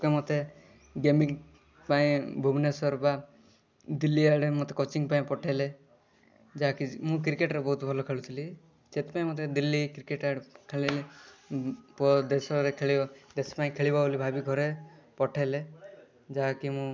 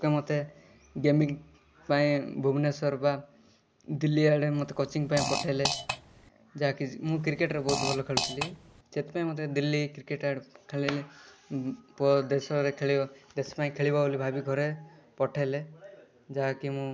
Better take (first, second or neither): first